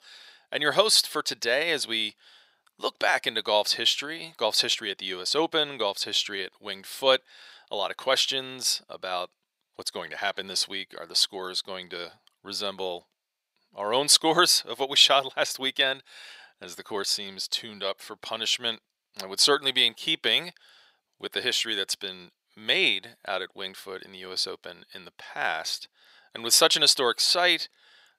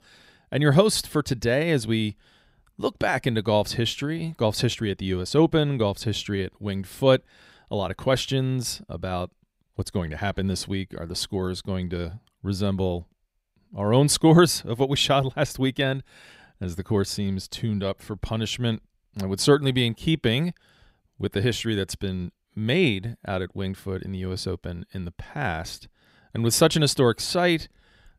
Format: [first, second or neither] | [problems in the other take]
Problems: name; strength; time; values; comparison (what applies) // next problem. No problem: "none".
second | thin; very; fading below 650 Hz